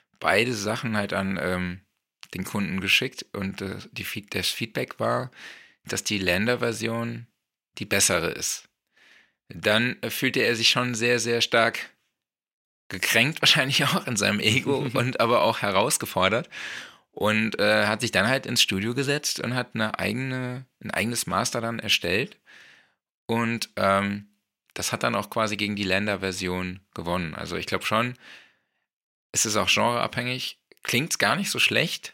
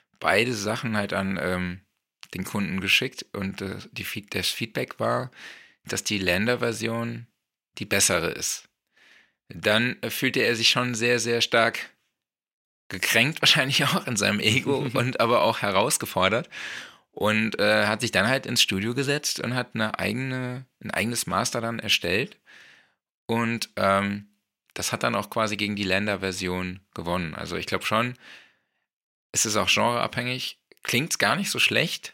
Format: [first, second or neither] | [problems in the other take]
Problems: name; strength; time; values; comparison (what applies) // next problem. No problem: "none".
neither | thin; somewhat; fading below 500 Hz; the same in both